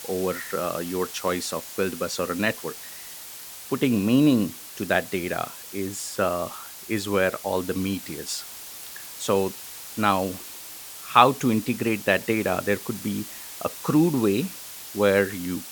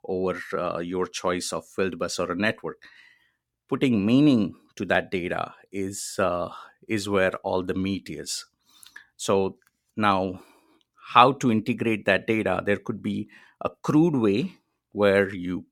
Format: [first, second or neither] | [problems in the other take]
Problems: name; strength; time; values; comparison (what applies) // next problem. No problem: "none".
second | hiss; noticeable; throughout; 10 dB below the speech